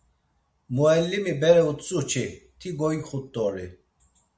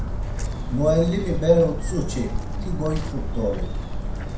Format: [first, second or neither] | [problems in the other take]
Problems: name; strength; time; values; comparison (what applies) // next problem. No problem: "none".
first | background sound (Walk, footsteps); 2 dB below the speech // room echo; dies away in 0.4 s